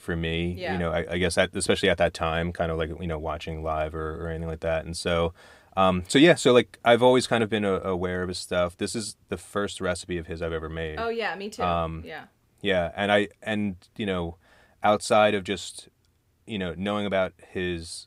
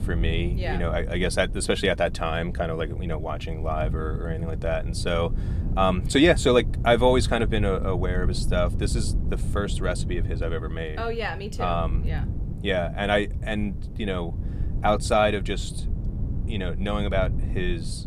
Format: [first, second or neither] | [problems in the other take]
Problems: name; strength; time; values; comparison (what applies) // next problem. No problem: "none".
first | wind noise on the microphone; occasional gusts; 15 dB below the speech